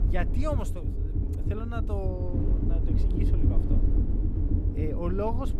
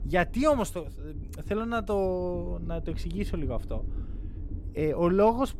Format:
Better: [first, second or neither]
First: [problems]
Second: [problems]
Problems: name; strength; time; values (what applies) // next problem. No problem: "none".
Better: second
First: low rumble; loud; throughout; 4 dB below the speech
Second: low rumble; faint; throughout; 25 dB below the speech